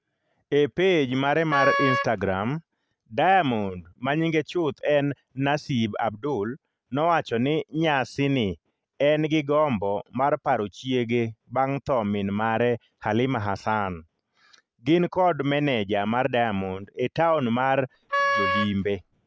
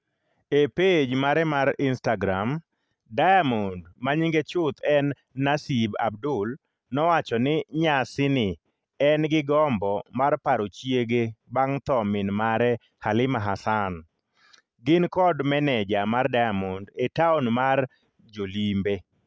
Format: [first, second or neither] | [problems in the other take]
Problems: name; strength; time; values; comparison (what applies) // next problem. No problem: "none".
second | background sound (Wind instrument, woodwind instrument); 2 dB below the speech